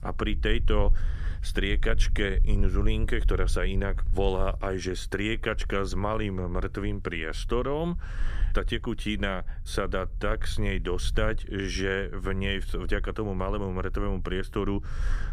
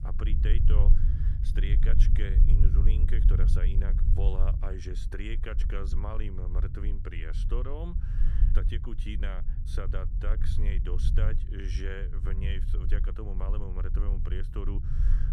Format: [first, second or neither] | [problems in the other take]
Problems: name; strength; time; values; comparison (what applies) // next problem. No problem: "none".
first | low rumble; loud; throughout; 5 dB below the speech; faint in the first